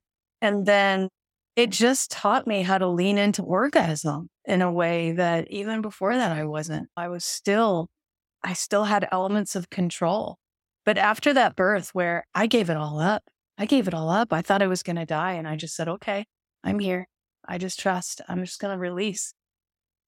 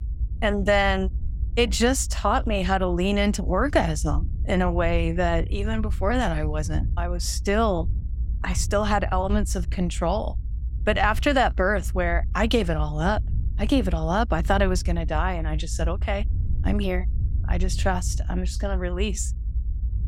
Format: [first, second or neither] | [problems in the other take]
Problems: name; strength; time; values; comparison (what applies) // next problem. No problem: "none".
first | low rumble; faint; throughout; 20 dB below the speech